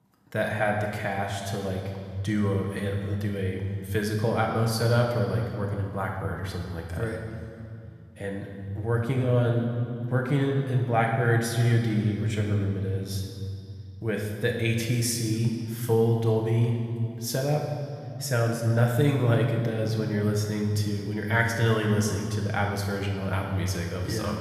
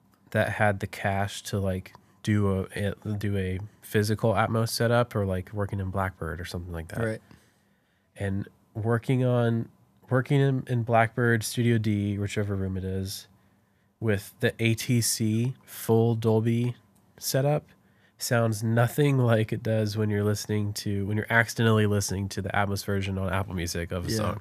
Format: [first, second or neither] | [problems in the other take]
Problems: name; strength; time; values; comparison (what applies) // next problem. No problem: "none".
second | room echo; noticeable; dies away in 2.3 s // off-mic speech; somewhat distant